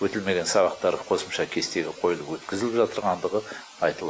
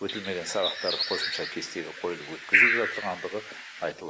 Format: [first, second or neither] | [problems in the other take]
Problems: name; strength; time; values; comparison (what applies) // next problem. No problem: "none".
first | background sound (Bird); 4 dB above the speech